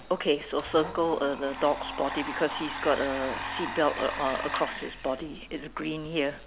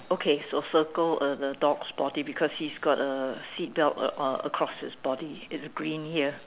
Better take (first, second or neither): second